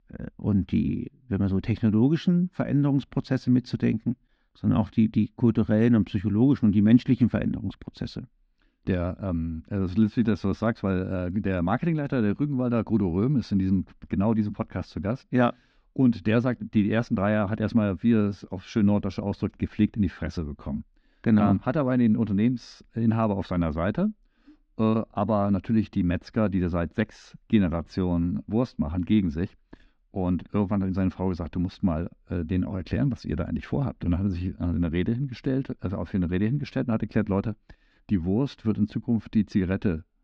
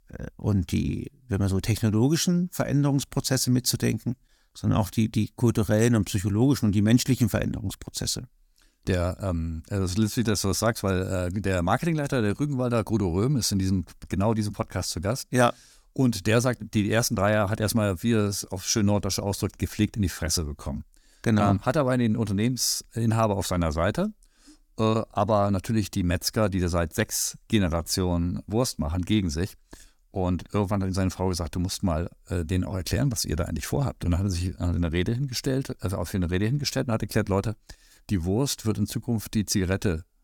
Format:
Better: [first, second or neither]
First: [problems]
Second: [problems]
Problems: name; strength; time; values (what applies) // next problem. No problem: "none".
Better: second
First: muffled; very; fading above 3.5 kHz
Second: none